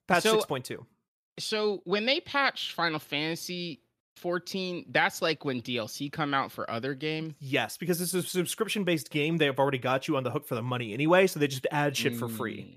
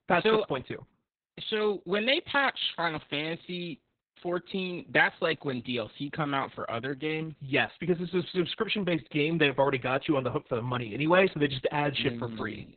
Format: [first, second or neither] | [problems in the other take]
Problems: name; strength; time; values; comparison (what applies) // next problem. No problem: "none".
first | garbled, watery; badly; nothing above 4 kHz